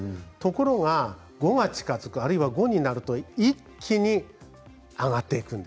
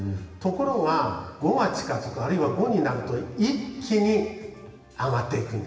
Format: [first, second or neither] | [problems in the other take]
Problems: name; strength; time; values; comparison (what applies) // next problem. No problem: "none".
first | room echo; dies away in 1.4 s